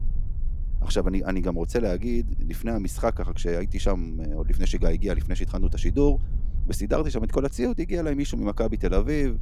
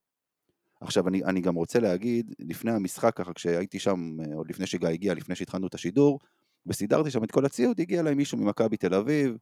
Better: second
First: low rumble; faint; throughout; 20 dB below the speech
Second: none

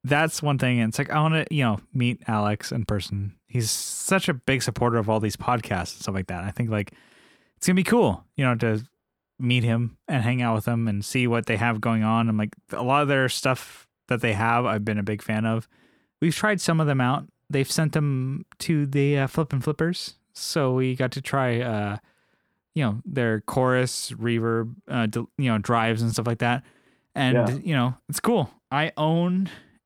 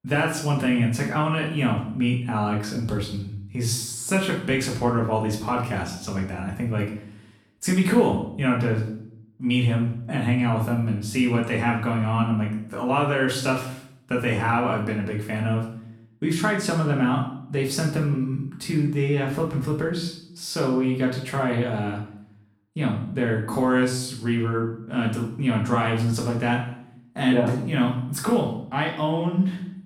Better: first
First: none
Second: room echo; noticeable; dies away in 0.6 s // off-mic speech; far

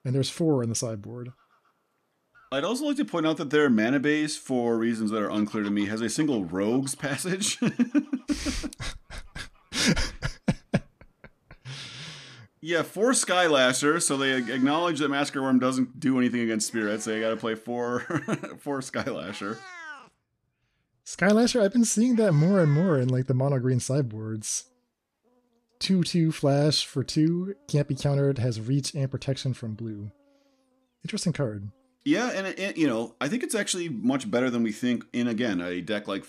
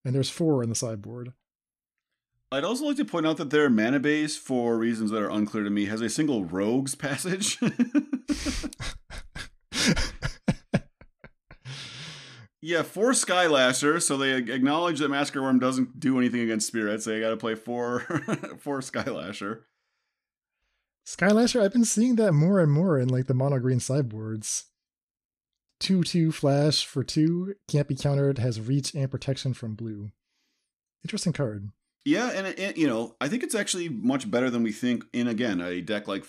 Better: second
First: animal sounds; faint; throughout; 25 dB below the speech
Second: none

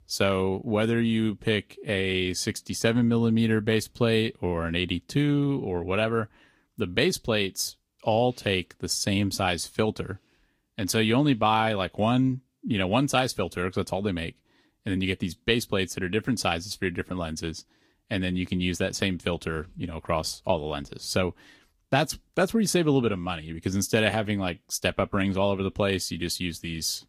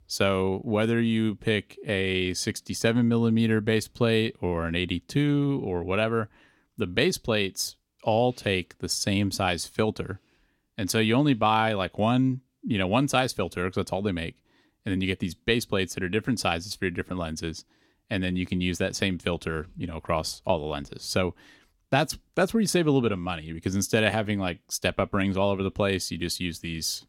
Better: second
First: garbled, watery; slightly; nothing above 13 kHz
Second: none

